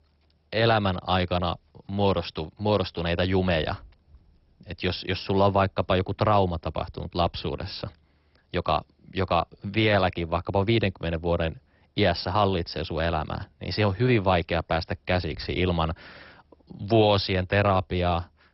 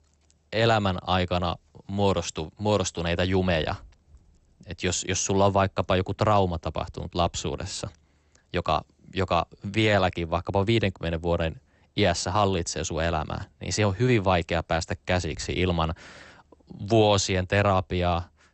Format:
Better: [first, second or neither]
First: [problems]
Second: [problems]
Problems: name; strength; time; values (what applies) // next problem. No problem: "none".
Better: second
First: garbled, watery; badly; nothing above 5.5 kHz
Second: garbled, watery; slightly; nothing above 8 kHz